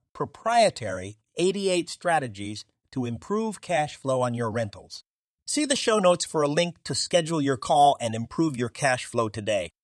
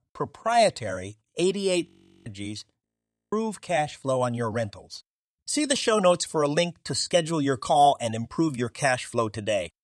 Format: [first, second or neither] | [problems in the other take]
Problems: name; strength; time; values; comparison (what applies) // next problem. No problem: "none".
first | audio freezing; at 2 s and at 3 s